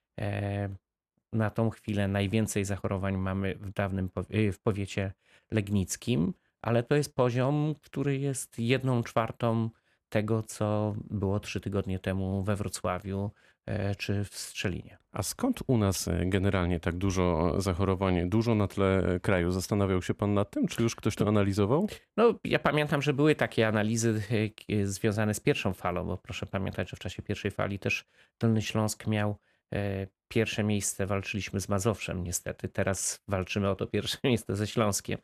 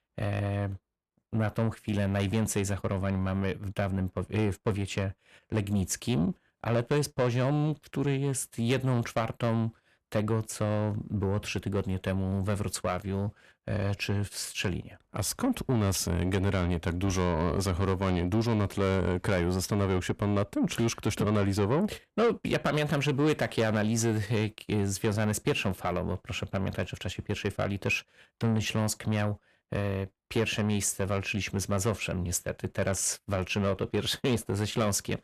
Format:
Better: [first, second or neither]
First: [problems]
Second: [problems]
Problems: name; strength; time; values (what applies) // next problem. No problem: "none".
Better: first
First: none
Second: distortion; slight; 10 dB below the speech